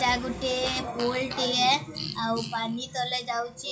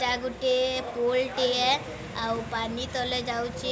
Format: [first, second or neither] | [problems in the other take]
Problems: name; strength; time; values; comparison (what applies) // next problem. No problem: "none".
second | noise reduction (classical method WPE with log-MMSE)